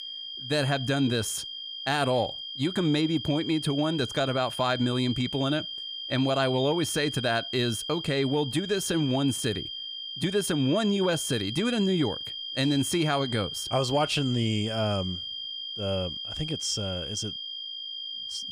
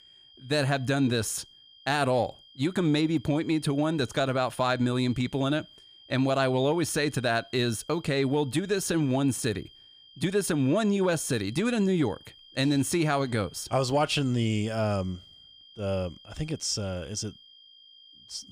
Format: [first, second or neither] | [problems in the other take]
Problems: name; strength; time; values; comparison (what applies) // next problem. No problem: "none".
second | high-pitched whine; loud; throughout; 3 kHz, 6 dB below the speech; faint in the second